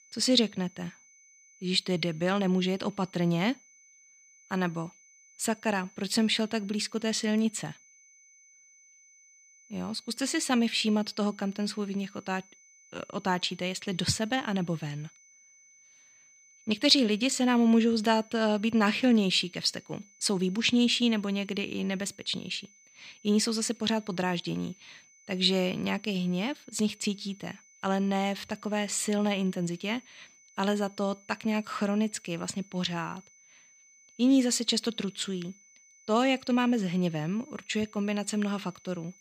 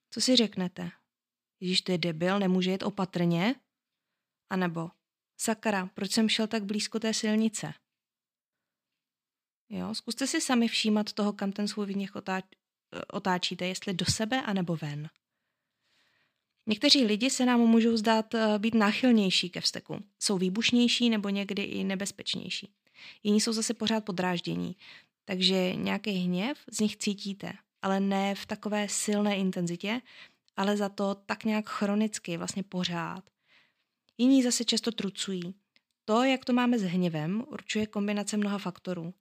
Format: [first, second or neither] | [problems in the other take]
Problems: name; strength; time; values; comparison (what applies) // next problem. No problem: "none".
second | high-pitched whine; faint; throughout; 6 kHz, 25 dB below the speech